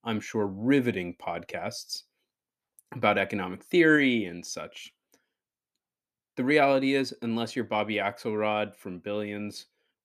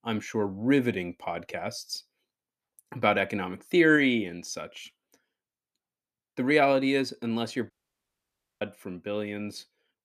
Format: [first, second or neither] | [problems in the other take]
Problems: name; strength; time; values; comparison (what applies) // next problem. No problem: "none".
first | audio cutting out; at 7.5 s for 1 s